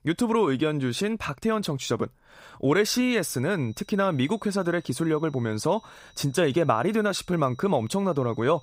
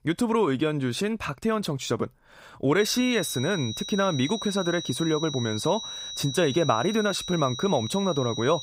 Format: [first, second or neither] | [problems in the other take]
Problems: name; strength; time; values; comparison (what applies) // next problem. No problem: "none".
first | high-pitched whine; loud; from 3 s on; 4 kHz, 8 dB below the speech; faint in the first